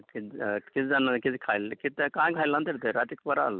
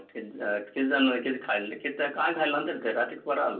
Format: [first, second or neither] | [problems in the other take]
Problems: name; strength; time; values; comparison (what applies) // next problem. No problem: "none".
first | room echo; dies away in 0.3 s